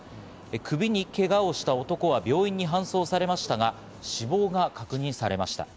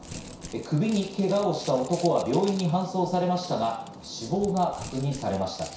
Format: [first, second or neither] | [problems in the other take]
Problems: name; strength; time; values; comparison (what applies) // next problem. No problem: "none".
first | background sound (Crumpling, crinkling); 18 dB below the speech // room echo; dies away in 0.6 s